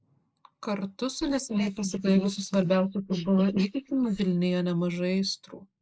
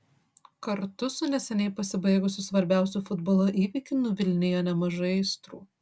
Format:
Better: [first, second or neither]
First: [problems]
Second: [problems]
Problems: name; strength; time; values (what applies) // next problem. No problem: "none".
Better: second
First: noise reduction (neural mask model Resemble Enhance denoiser)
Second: none